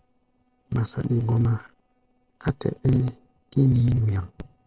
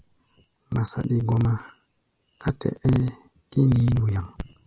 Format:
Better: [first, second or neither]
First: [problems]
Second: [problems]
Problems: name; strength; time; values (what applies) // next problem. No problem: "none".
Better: second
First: noise reduction (neural separator model SepFormer DNS4)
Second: none